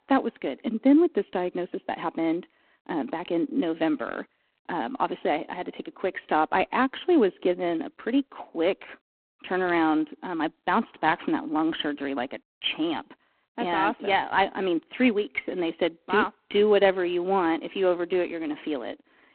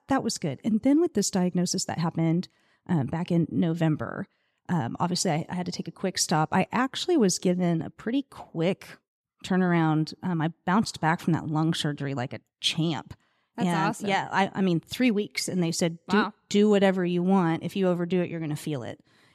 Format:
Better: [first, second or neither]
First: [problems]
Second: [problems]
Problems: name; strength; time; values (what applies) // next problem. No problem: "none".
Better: second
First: phone-call audio; poor line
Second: none